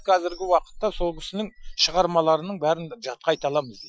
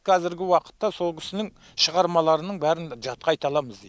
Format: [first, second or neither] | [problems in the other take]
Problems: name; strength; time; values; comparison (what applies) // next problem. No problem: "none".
second | noise reduction (classical method Wiener filter)